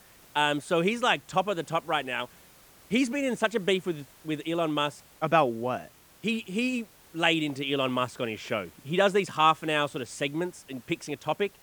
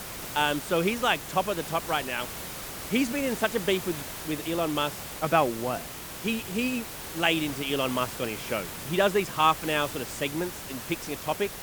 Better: first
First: hiss; faint; throughout; 25 dB below the speech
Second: hiss; loud; throughout; 8 dB below the speech

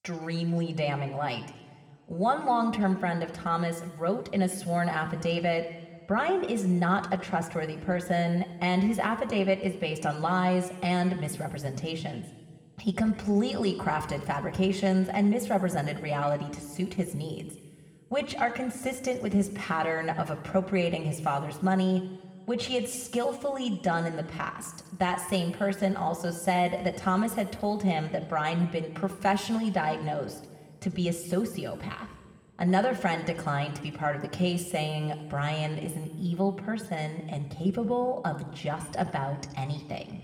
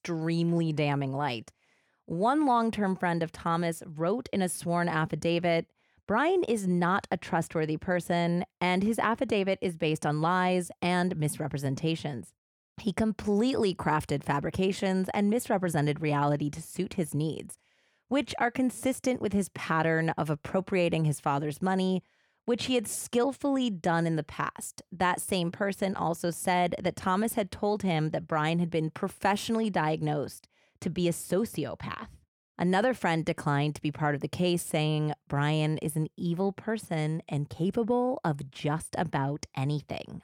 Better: second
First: room echo; slight; dies away in 1.8 s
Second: none

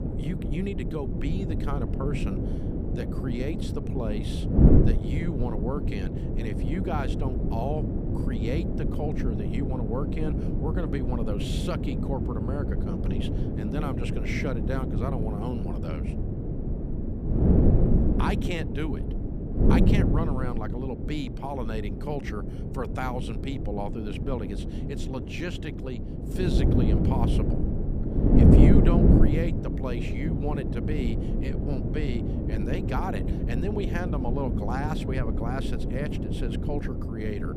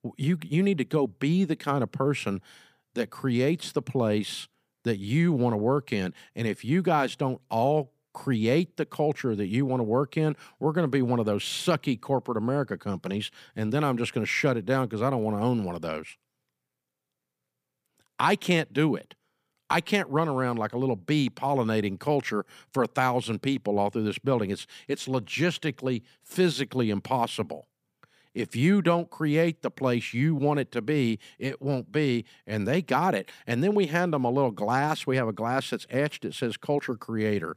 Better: second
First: wind noise on the microphone; heavy; 1 dB above the speech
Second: none

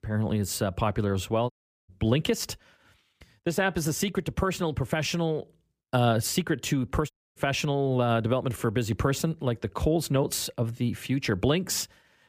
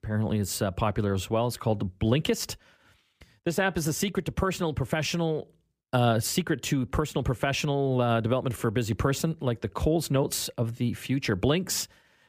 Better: second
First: audio cutting out; at 1.5 s and at 7 s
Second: none

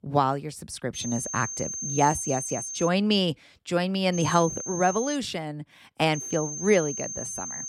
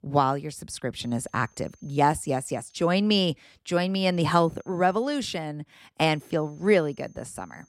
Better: second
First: high-pitched whine; loud; from 1 to 3 s, from 4 to 5 s and from 6 s on; 6.5 kHz, 6 dB below the speech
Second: high-pitched whine; faint; from 1 to 3 s, from 4 to 5 s and from 6 s on; 6.5 kHz, 35 dB below the speech

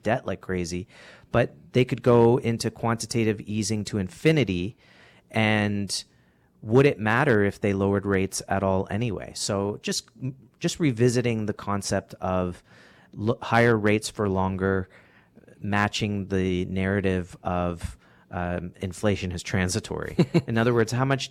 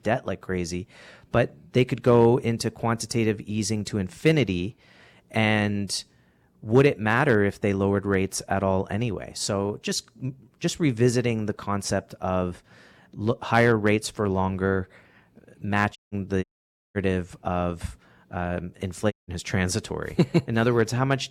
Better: first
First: none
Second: audio cutting out; at 16 s for 0.5 s and at 19 s

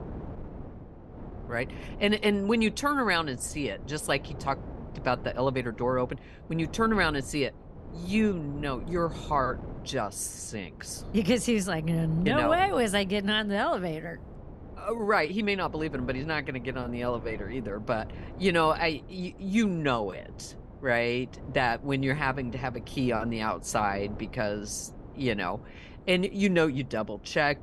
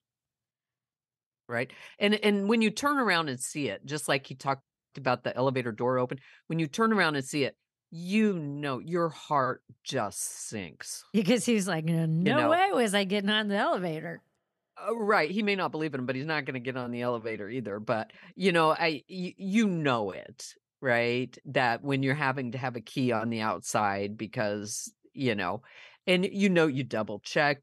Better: second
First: wind noise on the microphone; occasional gusts; 20 dB below the speech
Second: none

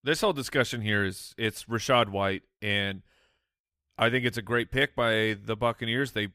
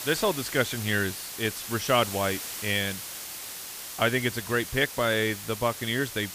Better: first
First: none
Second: hiss; loud; throughout; 8 dB below the speech

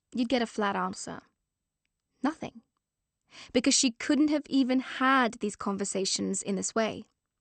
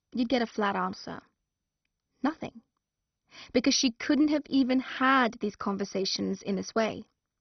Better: first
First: garbled, watery; slightly; nothing above 8.5 kHz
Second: garbled, watery; badly; nothing above 6 kHz

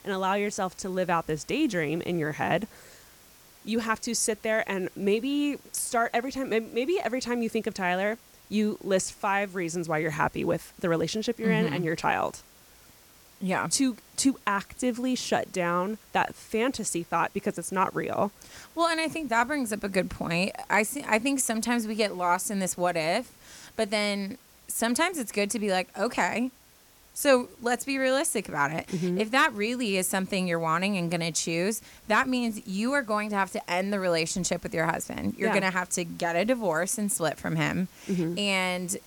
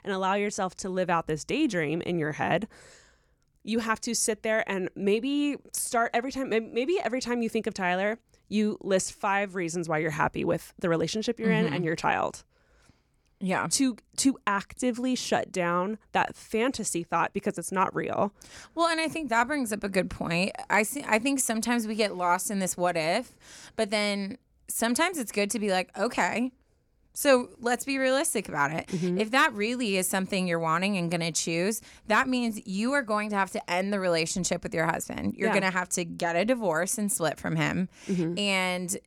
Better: second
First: hiss; faint; throughout; 25 dB below the speech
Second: none

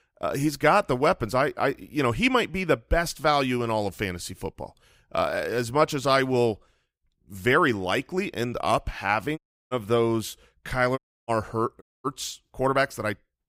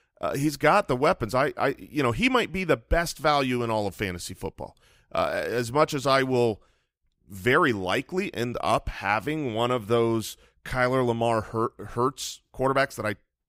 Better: second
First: audio cutting out; at 9.5 s, at 11 s and at 12 s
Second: none

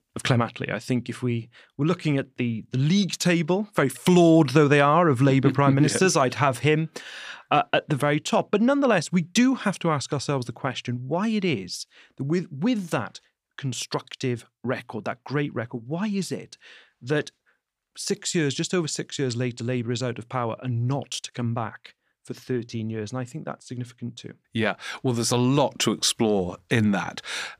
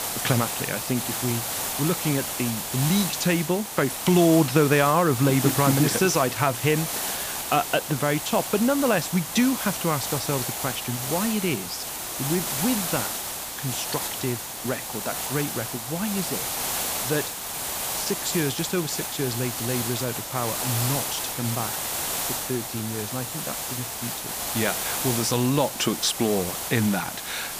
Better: first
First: none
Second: hiss; loud; throughout; 3 dB below the speech

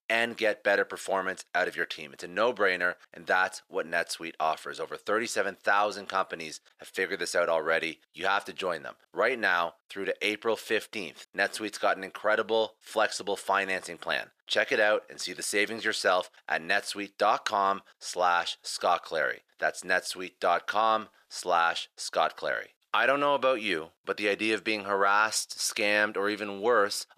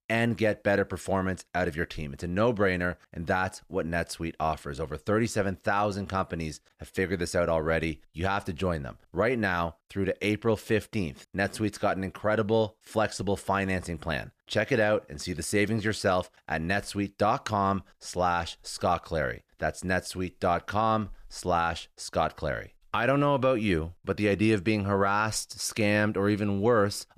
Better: second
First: thin; somewhat; fading below 450 Hz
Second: none

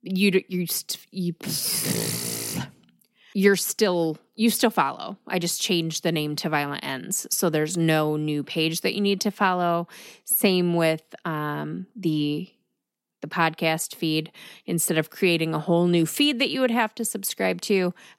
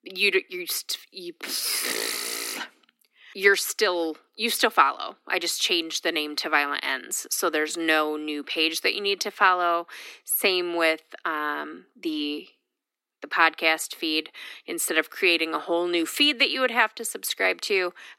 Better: first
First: none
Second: thin; very; fading below 300 Hz

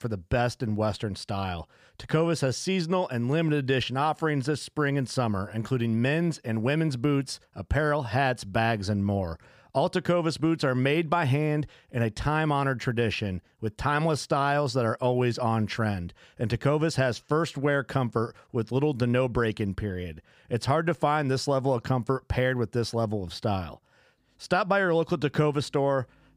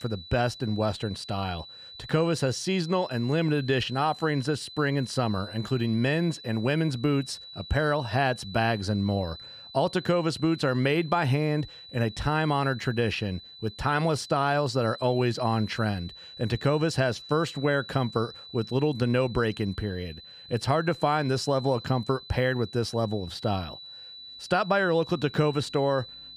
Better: first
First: none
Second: high-pitched whine; noticeable; throughout; 4 kHz, 15 dB below the speech

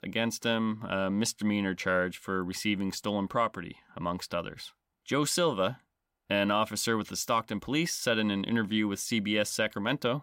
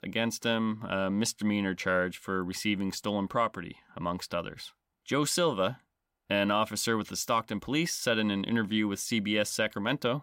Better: neither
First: none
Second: none

